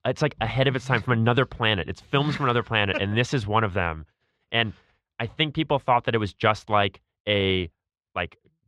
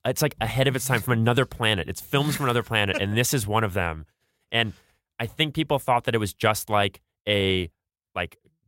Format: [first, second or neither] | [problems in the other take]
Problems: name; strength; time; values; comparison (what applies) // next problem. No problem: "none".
second | muffled; slightly; fading above 4 kHz